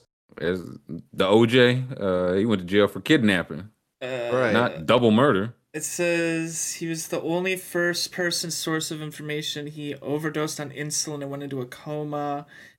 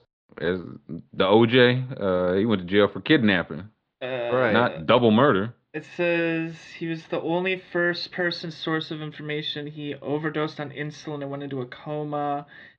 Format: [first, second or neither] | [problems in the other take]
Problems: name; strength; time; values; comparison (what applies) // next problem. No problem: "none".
first | muffled; slightly; fading above 4 kHz